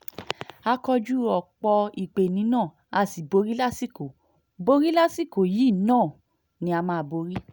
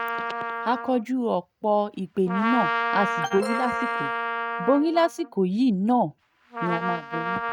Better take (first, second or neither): first